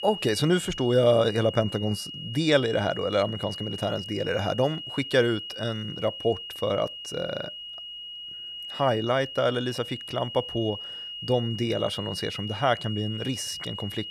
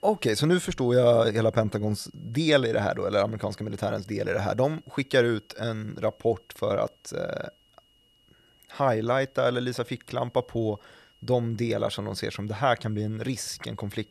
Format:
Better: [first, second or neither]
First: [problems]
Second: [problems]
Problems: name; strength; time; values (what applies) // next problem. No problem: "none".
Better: second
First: high-pitched whine; loud; throughout; 3 kHz, 9 dB below the speech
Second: high-pitched whine; faint; throughout; 3 kHz, 35 dB below the speech